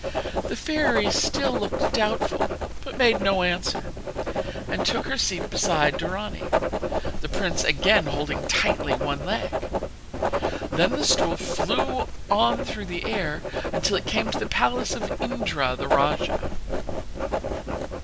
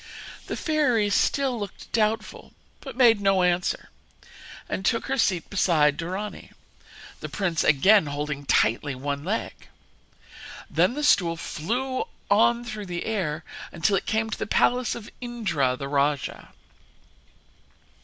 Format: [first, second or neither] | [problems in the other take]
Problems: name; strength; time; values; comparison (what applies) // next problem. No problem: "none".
second | background sound (Writing); as loud as the speech